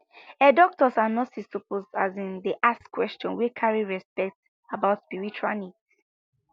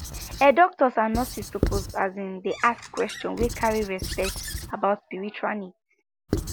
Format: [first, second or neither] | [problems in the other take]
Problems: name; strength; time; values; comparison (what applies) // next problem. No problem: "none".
first | background sound (Squeak / Writing); 8 dB below the speech